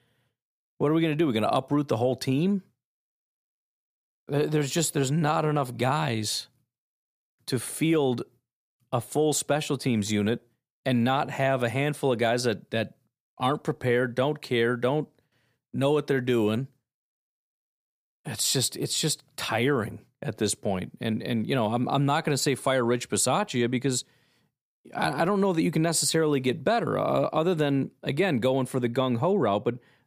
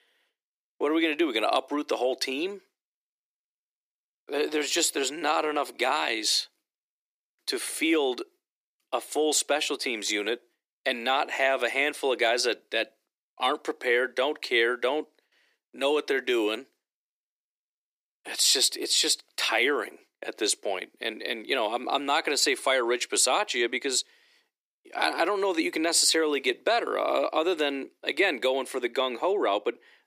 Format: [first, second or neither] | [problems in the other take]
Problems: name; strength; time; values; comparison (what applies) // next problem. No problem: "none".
first | thin; somewhat; fading below 300 Hz